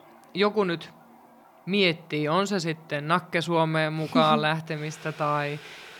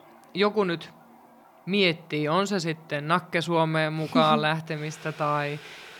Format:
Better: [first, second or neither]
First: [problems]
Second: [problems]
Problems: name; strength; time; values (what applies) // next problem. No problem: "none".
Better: neither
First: household noises; faint; throughout; 25 dB below the speech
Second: household noises; faint; throughout; 25 dB below the speech